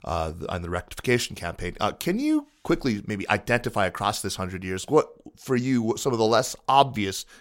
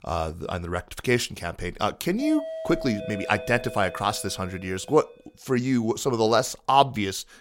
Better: first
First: none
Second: doorbell; noticeable; from 2 to 5 s; peak 8 dB below the speech

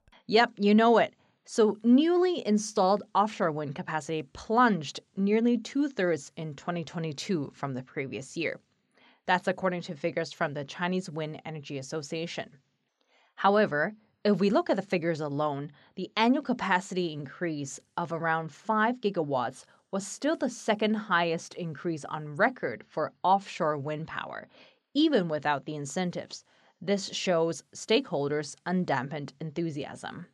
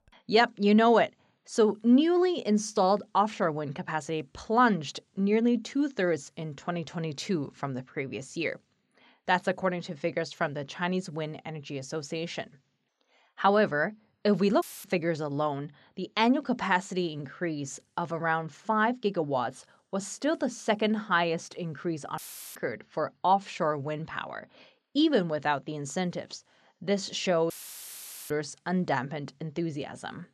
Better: first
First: none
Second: audio cutting out; filled with static; at 15 s, at 22 s and at 28 s for 1 s

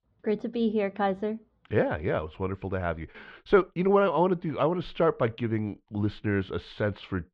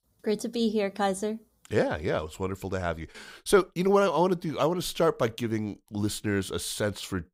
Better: second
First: muffled; very; fading above 3 kHz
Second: none

